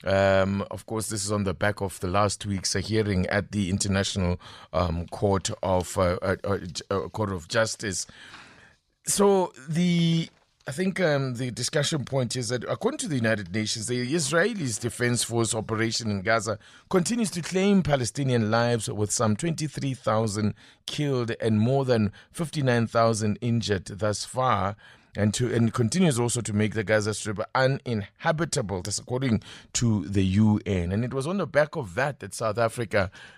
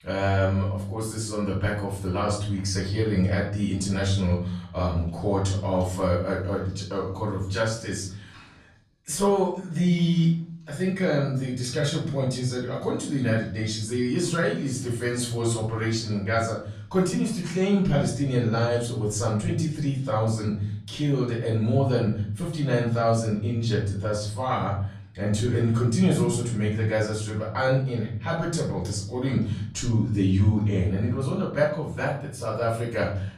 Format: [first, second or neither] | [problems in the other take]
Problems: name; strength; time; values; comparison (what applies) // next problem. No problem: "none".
first | off-mic speech; far // room echo; noticeable; dies away in 0.8 s